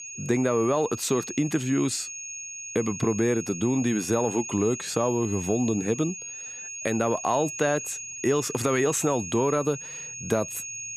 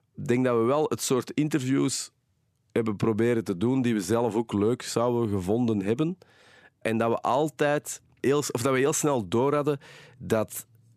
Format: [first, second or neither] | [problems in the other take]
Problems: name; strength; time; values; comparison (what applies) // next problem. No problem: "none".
second | high-pitched whine; loud; throughout; 6.5 kHz, 8 dB below the speech